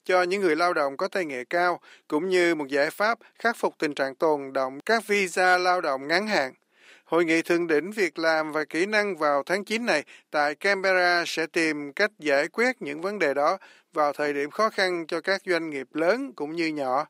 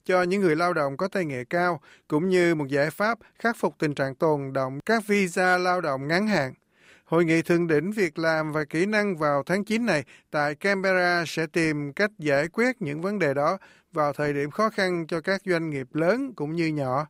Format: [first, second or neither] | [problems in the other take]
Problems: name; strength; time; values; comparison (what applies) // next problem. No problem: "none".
second | thin; very slightly; fading below 250 Hz